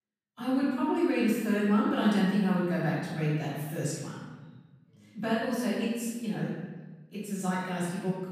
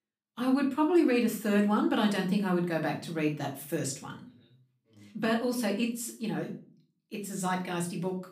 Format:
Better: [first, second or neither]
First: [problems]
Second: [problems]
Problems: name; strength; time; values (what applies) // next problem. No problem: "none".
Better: second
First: room echo; strong; dies away in 1.3 s // off-mic speech; far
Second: room echo; slight; dies away in 0.3 s // off-mic speech; far